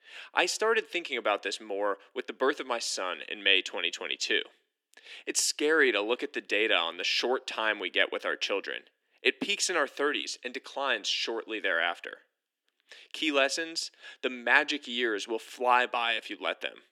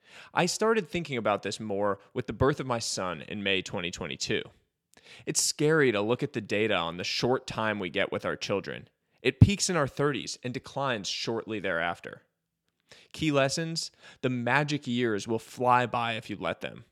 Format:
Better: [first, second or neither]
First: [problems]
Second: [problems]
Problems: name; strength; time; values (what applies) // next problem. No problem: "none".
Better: second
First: thin; somewhat; fading below 300 Hz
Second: none